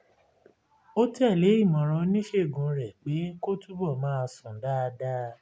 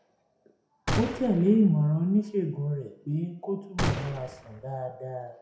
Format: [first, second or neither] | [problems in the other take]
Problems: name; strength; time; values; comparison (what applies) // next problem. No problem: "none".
first | background sound (Gunshot, gunfire); 6 dB below the speech // room echo; dies away in 0.5 s